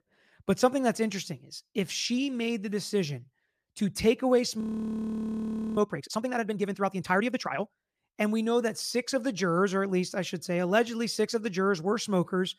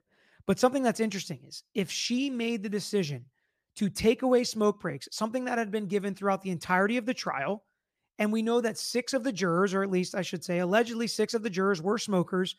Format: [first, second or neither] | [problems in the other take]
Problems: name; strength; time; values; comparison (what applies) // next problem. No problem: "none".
second | audio freezing; at 4.5 s for 1 s